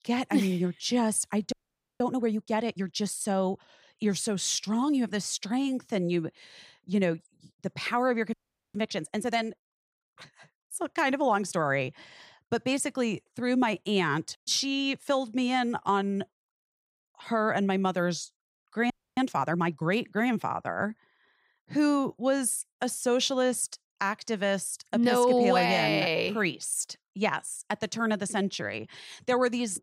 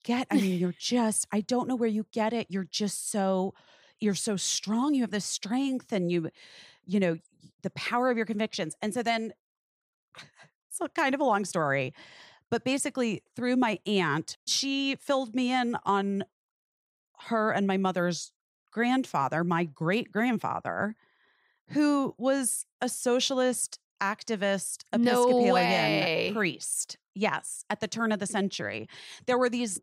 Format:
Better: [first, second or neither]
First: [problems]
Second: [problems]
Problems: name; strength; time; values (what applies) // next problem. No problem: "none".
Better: second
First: audio freezing; at 1.5 s, at 8.5 s and at 19 s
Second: none